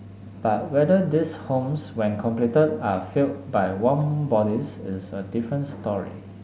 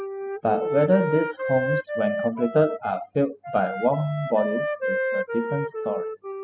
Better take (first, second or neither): first